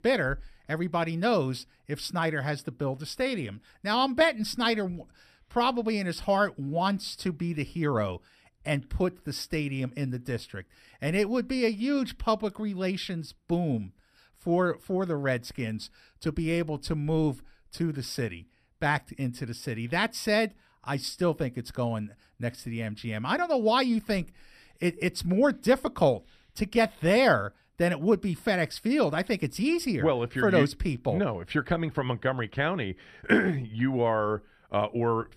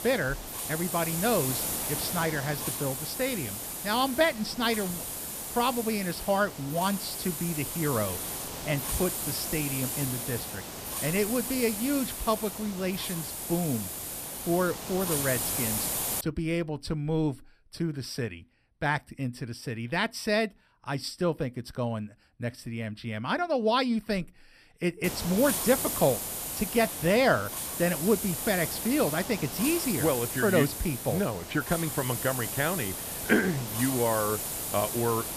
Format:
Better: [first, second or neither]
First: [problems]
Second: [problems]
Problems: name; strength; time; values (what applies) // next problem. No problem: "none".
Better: first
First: none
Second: hiss; loud; until 16 s and from 25 s on; 3 dB below the speech